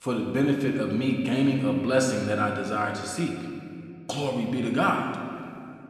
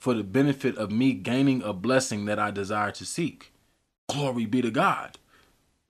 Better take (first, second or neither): second